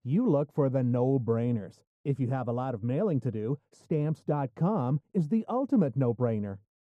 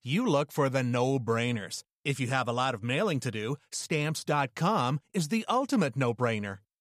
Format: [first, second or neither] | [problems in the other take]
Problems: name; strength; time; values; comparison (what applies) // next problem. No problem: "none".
second | muffled; very; fading above 1 kHz